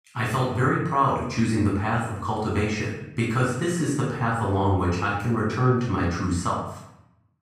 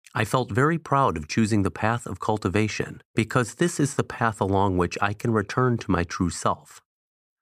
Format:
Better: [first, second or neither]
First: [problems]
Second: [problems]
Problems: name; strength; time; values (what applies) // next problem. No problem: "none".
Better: second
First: off-mic speech; far // room echo; noticeable; dies away in 0.7 s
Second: none